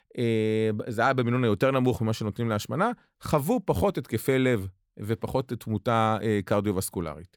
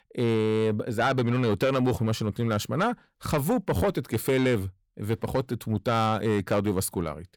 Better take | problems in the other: first | distortion; slight; 10 dB below the speech

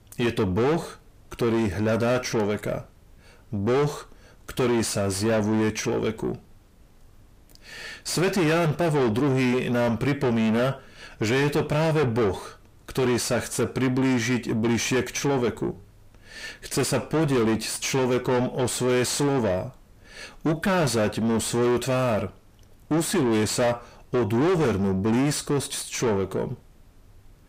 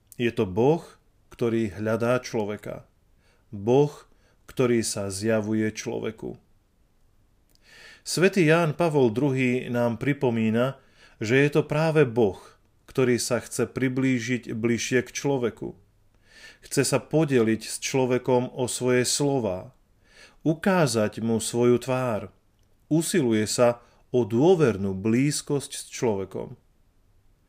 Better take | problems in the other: second | distortion; heavy; 5 dB below the speech

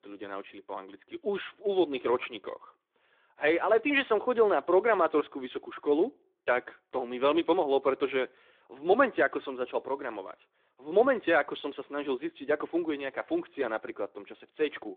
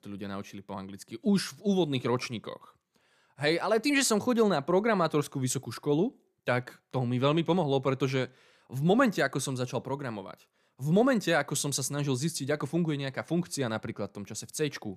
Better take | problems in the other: second | phone-call audio

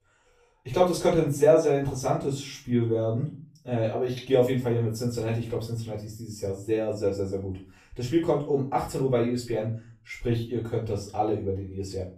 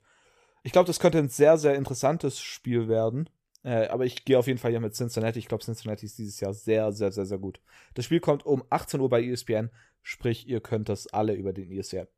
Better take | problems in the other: second | off-mic speech; far // room echo; slight; dies away in 0.3 s

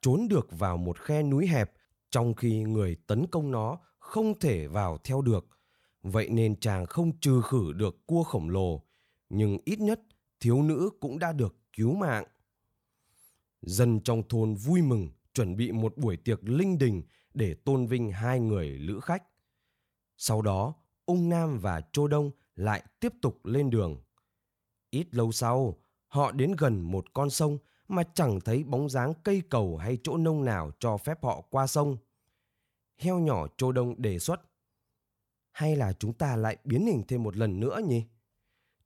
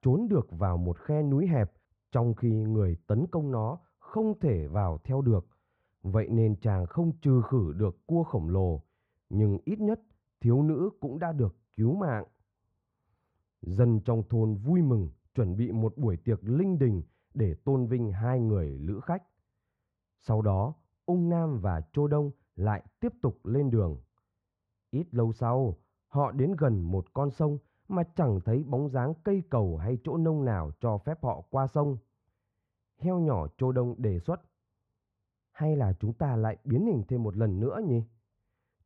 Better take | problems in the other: first | muffled; very; fading above 1 kHz

